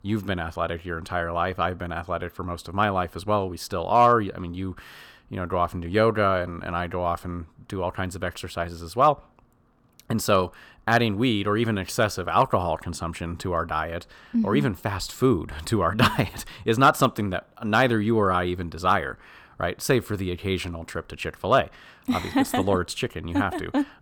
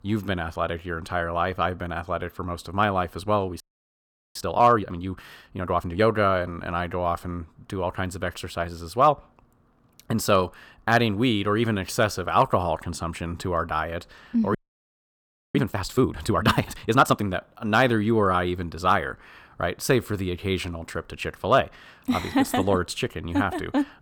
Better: first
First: none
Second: audio freezing; at 3.5 s for 0.5 s and at 15 s for 1 s

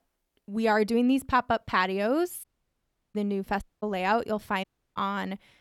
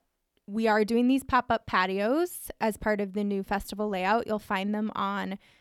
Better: second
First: audio cutting out; at 2.5 s for 0.5 s, at 3.5 s and at 4.5 s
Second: none

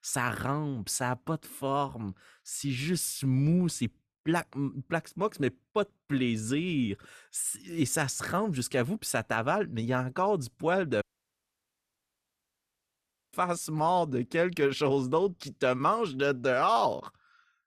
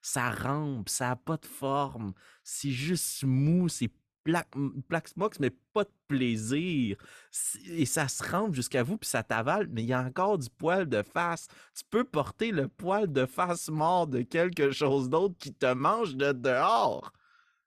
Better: second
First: audio cutting out; at 11 s for 2.5 s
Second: none

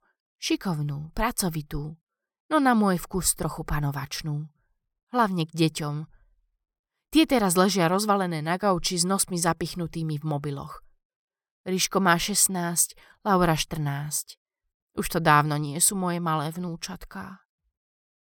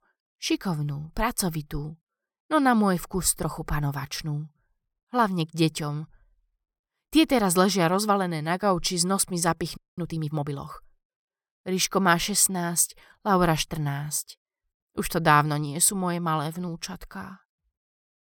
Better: first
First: none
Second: audio freezing; at 10 s

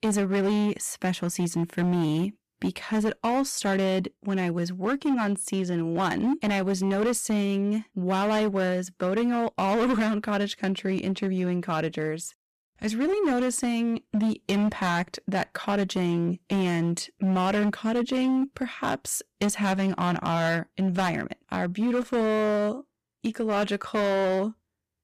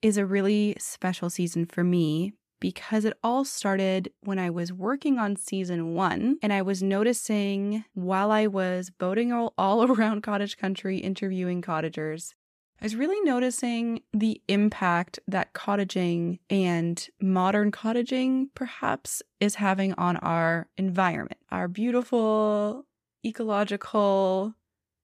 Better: second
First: distortion; slight; 14% of the sound clipped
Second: none

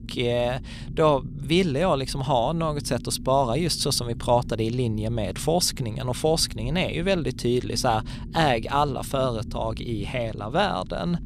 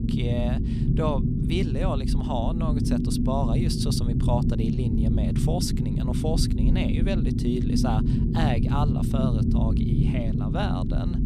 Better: first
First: low rumble; faint; throughout; 20 dB below the speech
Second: low rumble; loud; throughout; 1 dB below the speech

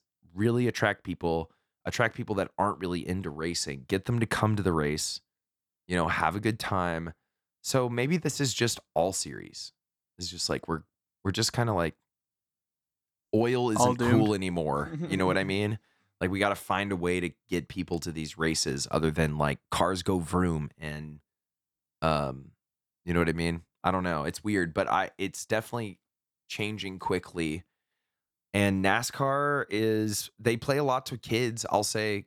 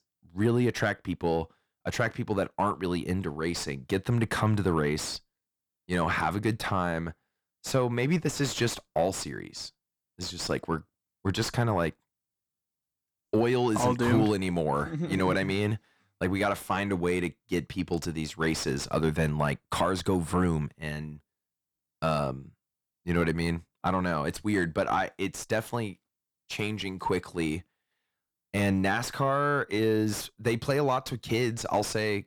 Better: first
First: none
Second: distortion; slight; 10 dB below the speech

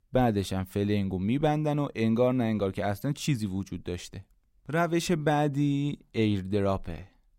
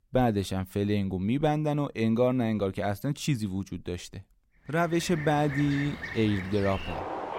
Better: first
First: none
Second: train or aircraft noise; loud; from 5 s on; 10 dB below the speech

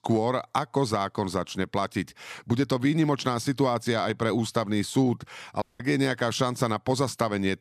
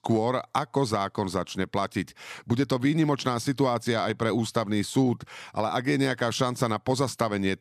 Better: second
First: audio cutting out; at 5.5 s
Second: none

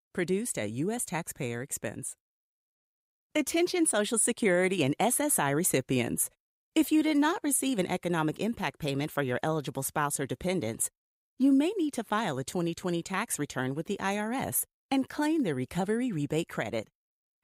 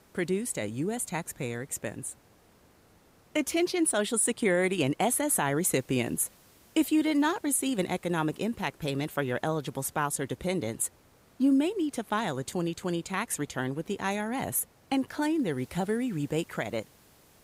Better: first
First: none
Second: hiss; faint; throughout; 30 dB below the speech

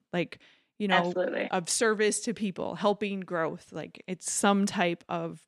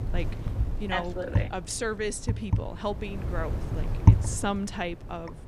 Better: first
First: none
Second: wind noise on the microphone; heavy; 7 dB below the speech

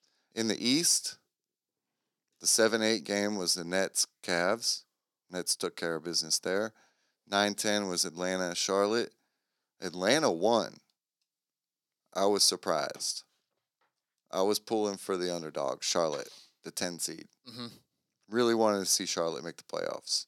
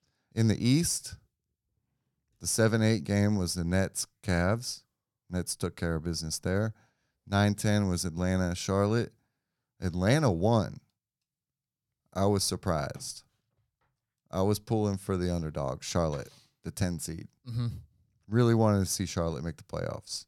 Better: second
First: thin; somewhat; fading below 300 Hz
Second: none

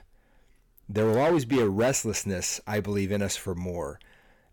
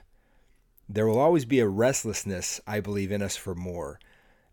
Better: second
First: distortion; slight; 6% of the sound clipped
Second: none

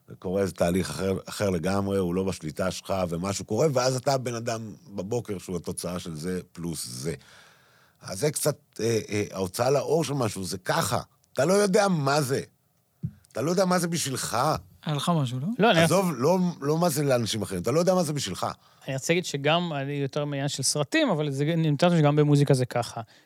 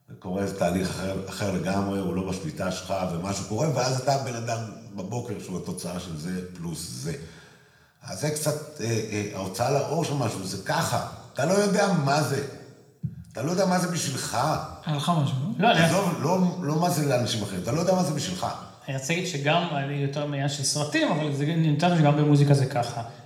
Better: first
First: none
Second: room echo; slight; dies away in 0.9 s // off-mic speech; somewhat distant

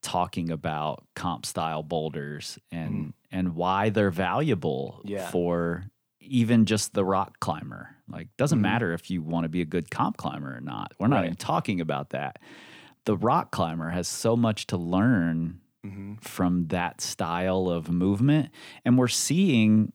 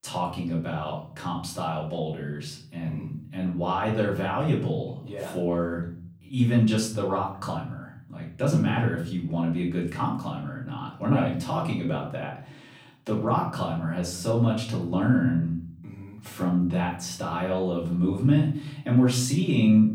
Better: first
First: none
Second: off-mic speech; far // room echo; slight; dies away in 0.5 s

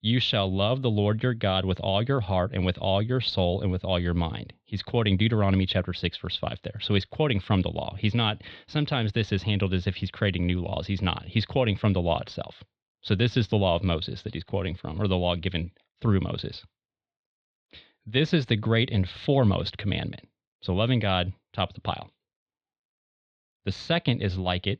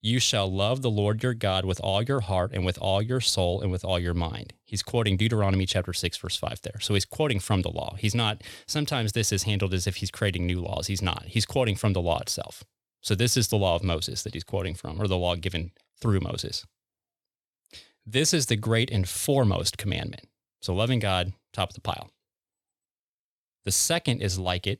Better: second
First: muffled; slightly; fading above 4 kHz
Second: none

